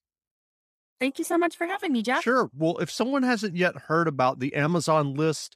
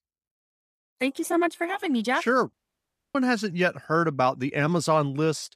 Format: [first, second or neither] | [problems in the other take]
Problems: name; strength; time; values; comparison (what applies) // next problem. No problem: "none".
first | audio cutting out; at 2.5 s for 0.5 s